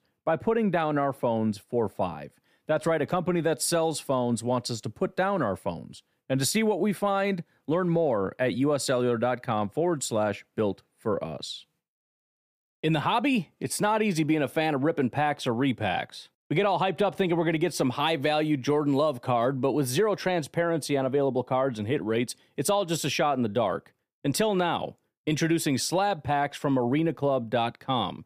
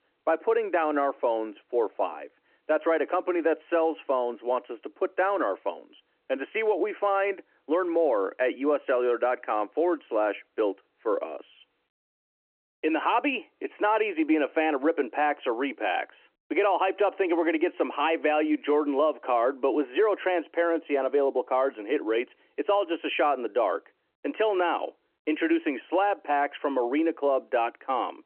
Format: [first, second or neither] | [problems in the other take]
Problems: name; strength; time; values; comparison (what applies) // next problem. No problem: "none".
first | phone-call audio